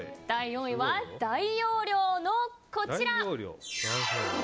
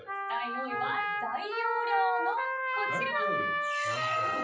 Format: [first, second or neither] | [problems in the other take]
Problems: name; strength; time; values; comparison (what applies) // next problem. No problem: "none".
first | noise reduction (classical method WPE with log-MMSE)